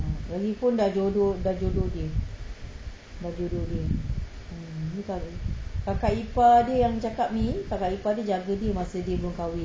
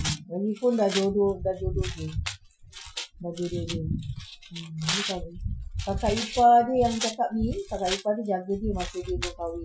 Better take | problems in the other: first | noise reduction (classical method Wiener filter)

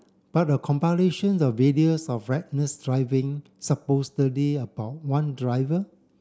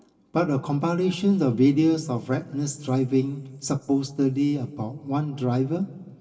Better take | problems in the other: first | room echo; dies away in 1.9 s

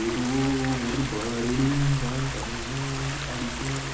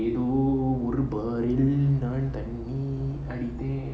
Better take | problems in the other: second | background sound (Stream); 6 dB below the speech

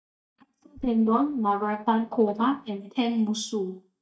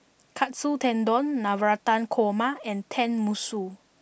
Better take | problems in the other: second | noise reduction (neural mask model DeepFilterNet 3)

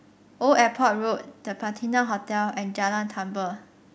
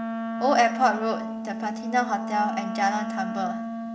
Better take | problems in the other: first | background sound (Wind instrument, woodwind instrument); 4 dB below the speech // room echo; dies away in 1.8 s

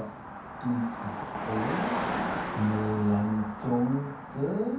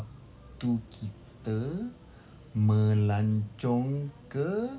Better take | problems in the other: second | background sound (Car passing by); 5 dB below the speech // room echo; dies away in 0.7 s

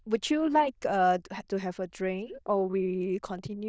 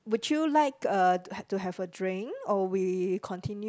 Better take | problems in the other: second | noise reduction (neural diffusion model UNIVERSE++)

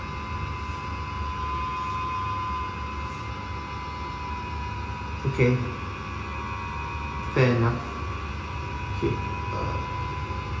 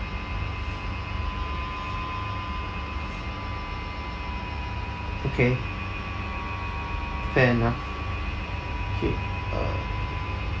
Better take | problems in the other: second | room echo; dies away in 0.8 s

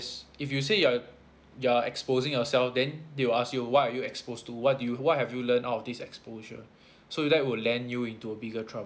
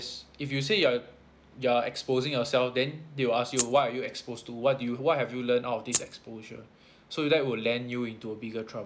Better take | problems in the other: first | background sound (Rattle (instrument)); 2 dB below the speech

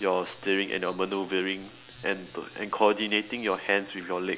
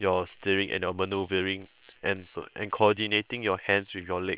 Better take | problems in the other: first | noise reduction (neural separator model SepFormer WHAM!)

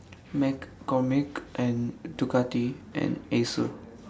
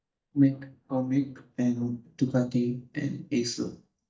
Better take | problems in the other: first | noise reduction (neural mask model DeepFilterNet 3)

